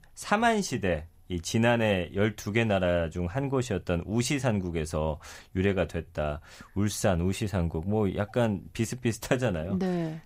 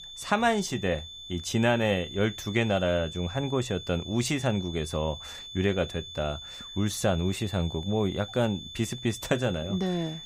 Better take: first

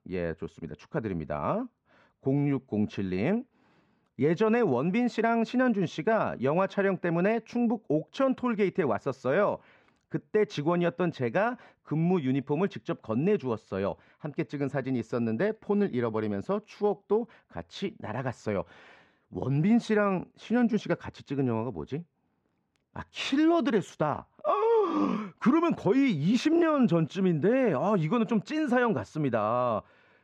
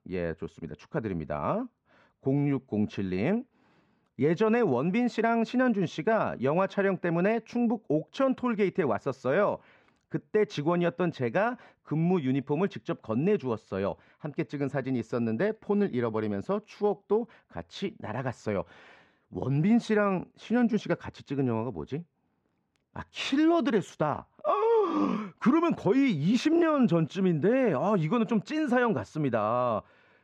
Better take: neither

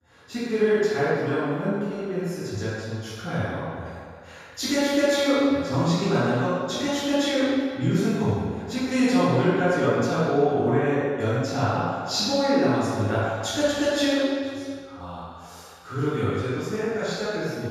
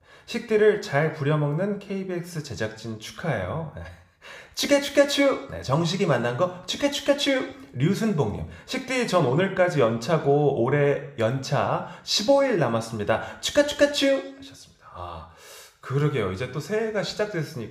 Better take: second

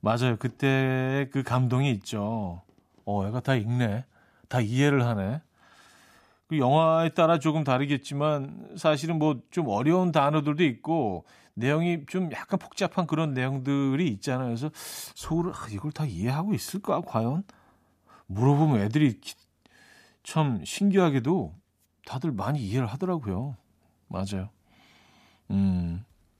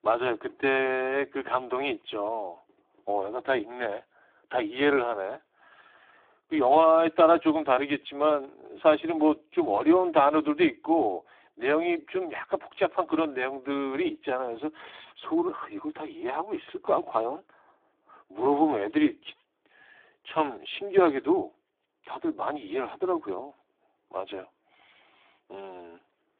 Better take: first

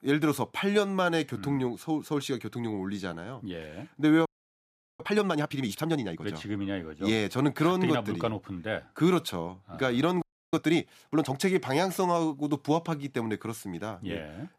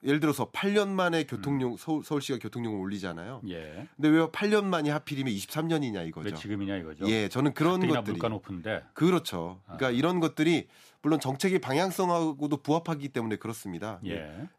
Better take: second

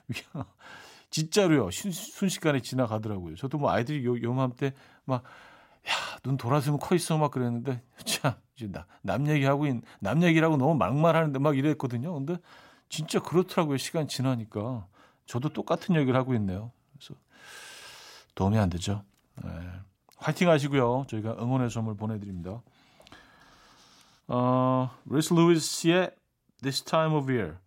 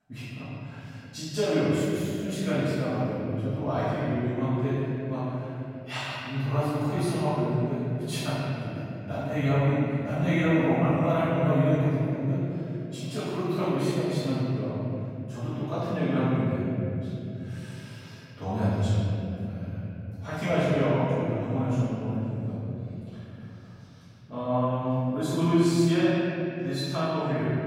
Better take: first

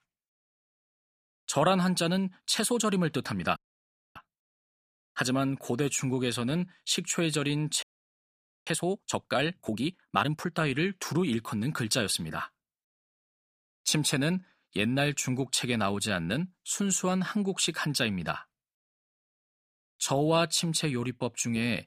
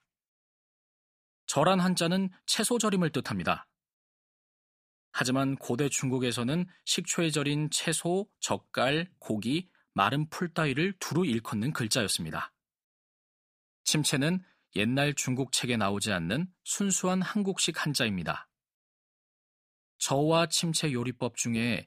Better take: second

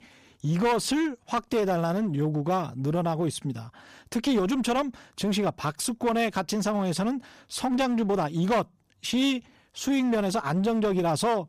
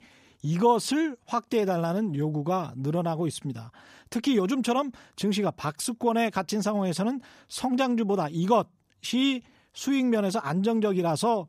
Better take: second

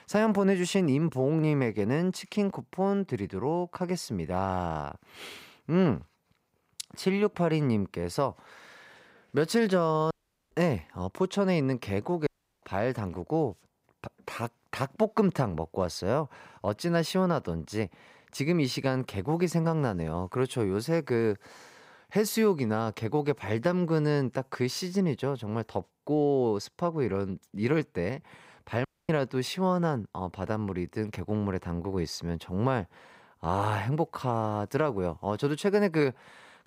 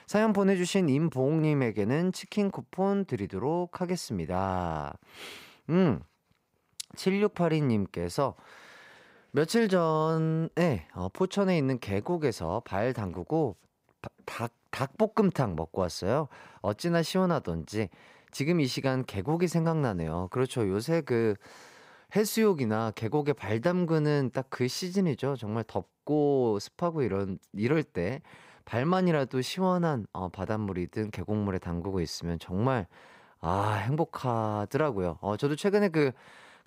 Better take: second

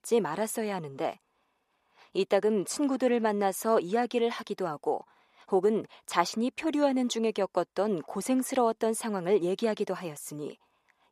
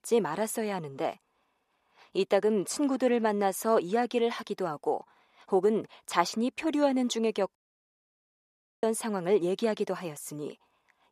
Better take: first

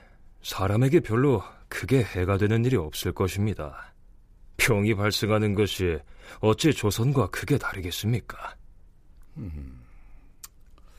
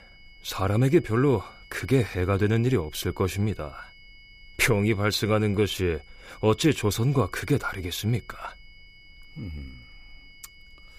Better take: first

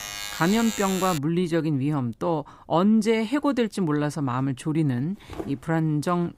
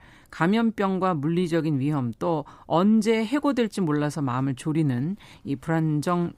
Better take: second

